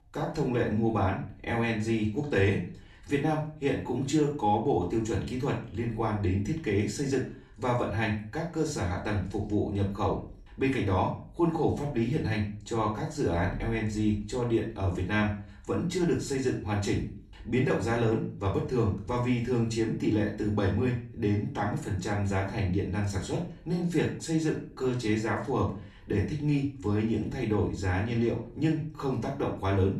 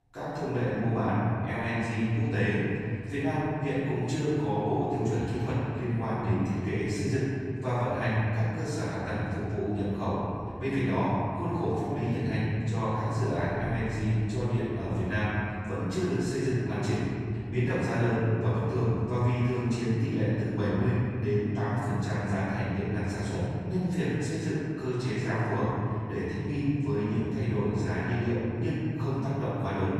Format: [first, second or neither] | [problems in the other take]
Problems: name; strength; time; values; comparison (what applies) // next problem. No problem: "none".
first | room echo; strong; dies away in 2.5 s; slight in the first // off-mic speech; far; far in the first